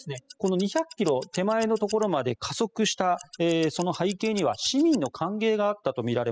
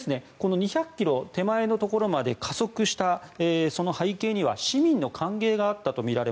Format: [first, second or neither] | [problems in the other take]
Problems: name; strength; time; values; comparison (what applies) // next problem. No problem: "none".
second | noise reduction (classical method spectral subtraction)